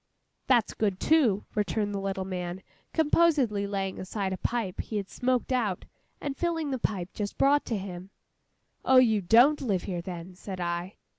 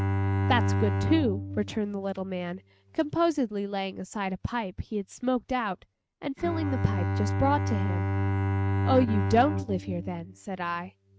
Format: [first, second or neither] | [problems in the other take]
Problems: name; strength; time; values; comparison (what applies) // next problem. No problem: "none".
first | noise reduction (neural mask model RNNoise)